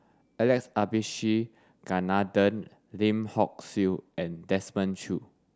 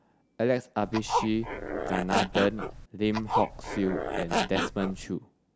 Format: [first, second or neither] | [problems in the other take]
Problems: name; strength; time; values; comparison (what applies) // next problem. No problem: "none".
first | background sound (Zipper (clothing)); 1 dB below the speech